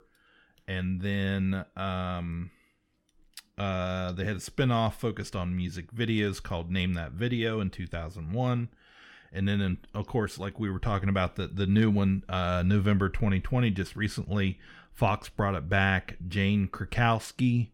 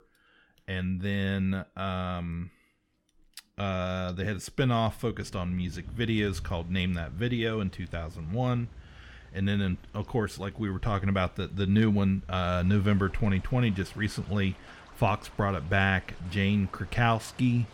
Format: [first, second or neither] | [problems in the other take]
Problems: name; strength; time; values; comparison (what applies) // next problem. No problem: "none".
first | rain or running water; faint; from 5.5 s on; 20 dB below the speech